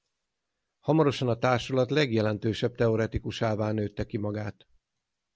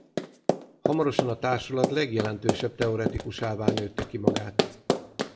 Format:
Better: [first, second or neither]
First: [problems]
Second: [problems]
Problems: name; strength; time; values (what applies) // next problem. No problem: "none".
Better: first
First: none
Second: background sound (Run); as loud as the speech // room echo; dies away in 2.1 s